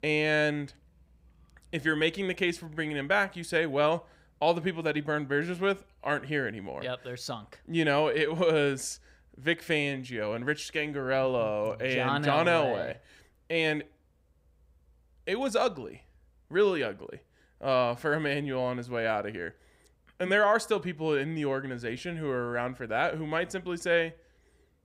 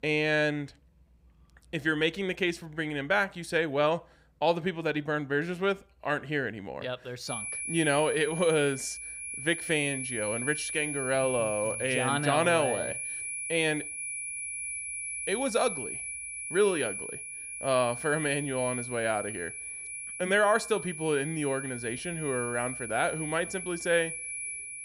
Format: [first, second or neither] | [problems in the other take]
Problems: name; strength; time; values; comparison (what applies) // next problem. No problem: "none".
first | high-pitched whine; loud; from 7.5 s on; 2.5 kHz, 6 dB below the speech